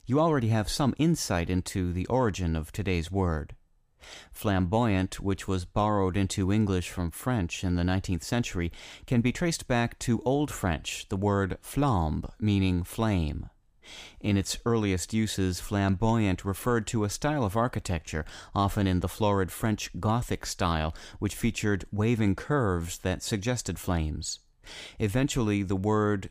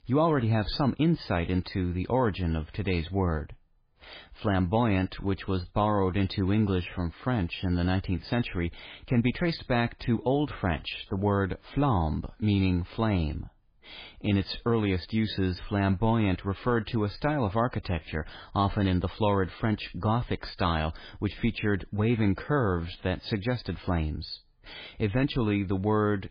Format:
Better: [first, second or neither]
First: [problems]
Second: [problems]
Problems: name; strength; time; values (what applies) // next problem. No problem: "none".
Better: first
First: none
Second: garbled, watery; badly; nothing above 4.5 kHz